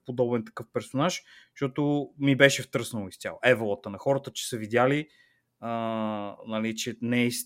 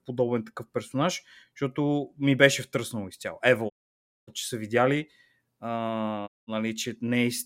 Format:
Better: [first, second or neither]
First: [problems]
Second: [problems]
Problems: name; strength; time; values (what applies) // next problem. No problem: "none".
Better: first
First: none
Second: audio cutting out; at 3.5 s for 0.5 s and at 6.5 s